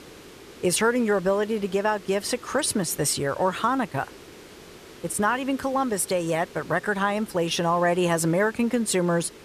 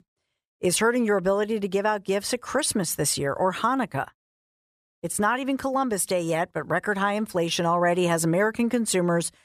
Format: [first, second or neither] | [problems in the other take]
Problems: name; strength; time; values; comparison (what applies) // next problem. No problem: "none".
second | hiss; faint; throughout; 20 dB below the speech